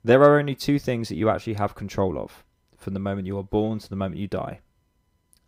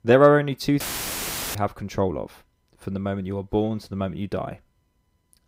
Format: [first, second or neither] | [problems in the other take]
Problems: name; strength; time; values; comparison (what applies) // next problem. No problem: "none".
first | audio cutting out; filled with static; at 1 s for 1 s